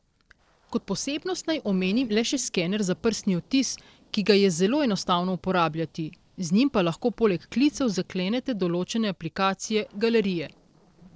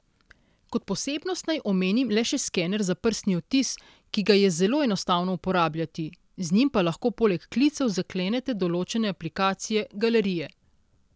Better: second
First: noise reduction (neural separator model SepFormer DNS4)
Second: none

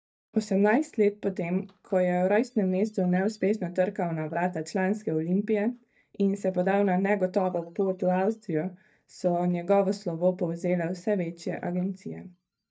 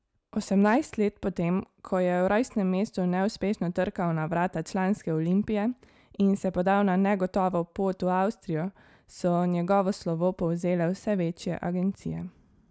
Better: second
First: noise reduction (neural mask model DeepFilterNet 3)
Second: none

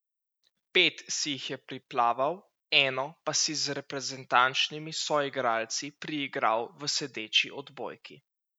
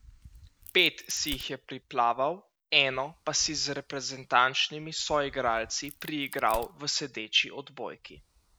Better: first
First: none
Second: background sound (Crack); 20 dB below the speech

